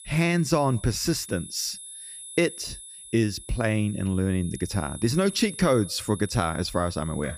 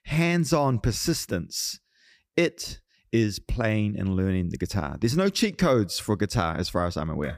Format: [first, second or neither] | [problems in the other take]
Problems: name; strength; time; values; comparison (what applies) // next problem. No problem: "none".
second | high-pitched whine; noticeable; throughout; 10.5 kHz, 15 dB below the speech